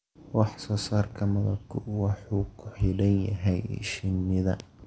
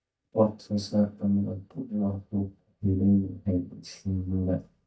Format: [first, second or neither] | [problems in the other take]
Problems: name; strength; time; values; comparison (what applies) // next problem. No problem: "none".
first | noise reduction (neural mask model DeepFilterNet 3)